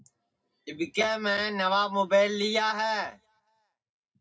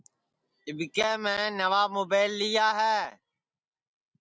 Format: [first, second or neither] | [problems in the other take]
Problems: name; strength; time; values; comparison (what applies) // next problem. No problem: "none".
second | room echo; dies away in 0.2 s